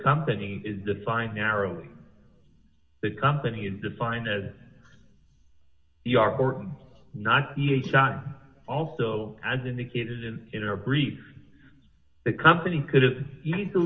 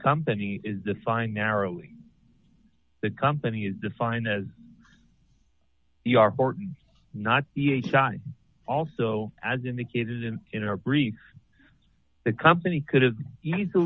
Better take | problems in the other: second | room echo; dies away in 0.9 s

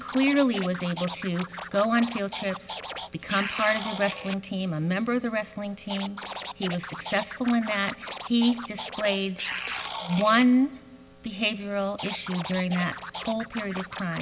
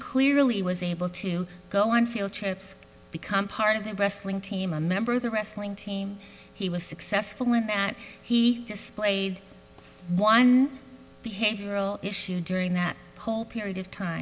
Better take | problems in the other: second | background sound (Scratching (performance technique)); 11 dB below the speech

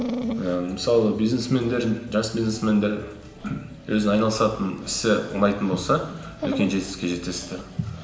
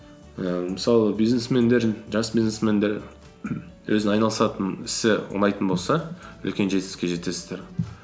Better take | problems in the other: second | background sound (Dog); 12 dB below the speech // room echo; dies away in 0.9 s

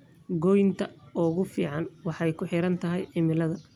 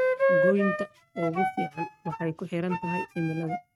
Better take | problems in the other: first | noise reduction (neural mask model RNNoise)

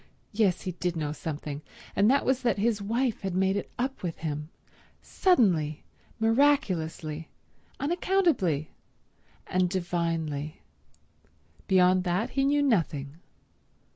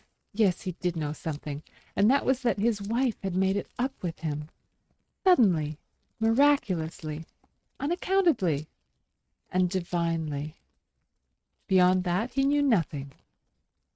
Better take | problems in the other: first | noise reduction (neural mask model RNNoise)

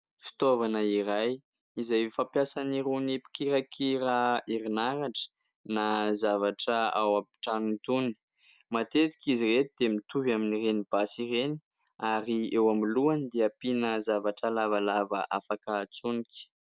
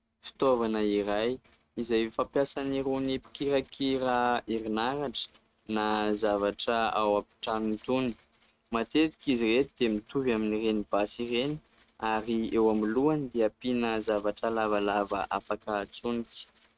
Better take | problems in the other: first | noise reduction (neural mask model RNNoise)

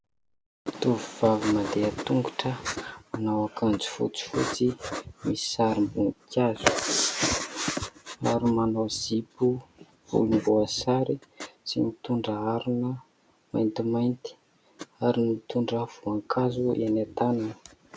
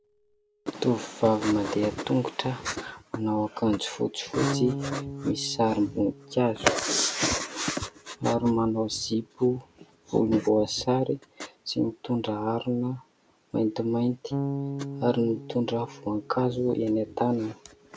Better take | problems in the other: first | background sound (Bass guitar); 13 dB below the speech

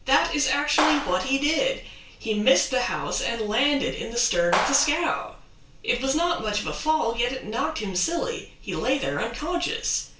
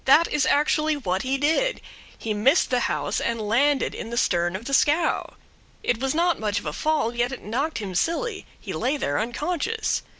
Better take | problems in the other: second | background sound (Clapping); 5 dB below the speech // room echo; dies away in 0.3 s

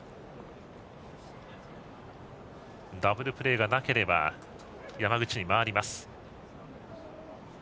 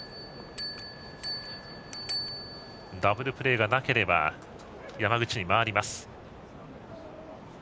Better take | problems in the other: first | background sound (Bell); 12 dB below the speech

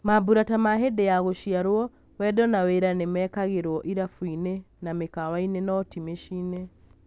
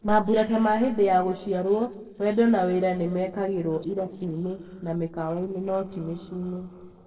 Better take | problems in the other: first | noise reduction (neural separator model SepFormer DNS4)

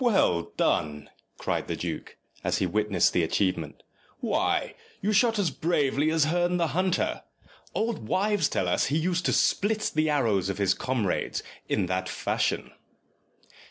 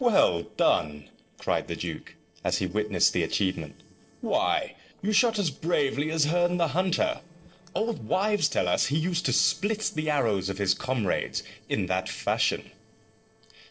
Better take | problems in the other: first | noise reduction (neural separator model SepFormer DNS4)

